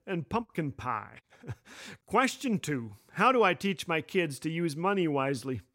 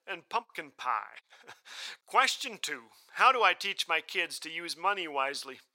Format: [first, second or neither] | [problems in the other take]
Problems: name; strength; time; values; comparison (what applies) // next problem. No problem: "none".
first | thin; very; fading below 850 Hz